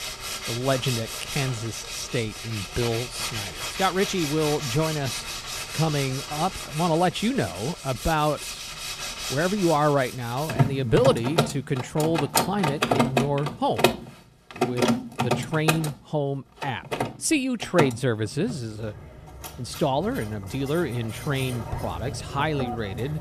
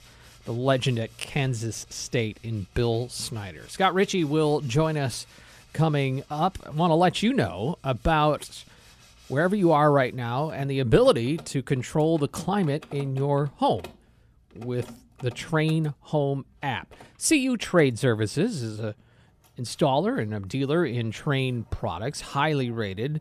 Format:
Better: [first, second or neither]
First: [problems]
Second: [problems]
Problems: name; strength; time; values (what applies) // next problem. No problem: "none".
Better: second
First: machinery noise; loud; throughout; 3 dB below the speech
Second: machinery noise; faint; throughout; 25 dB below the speech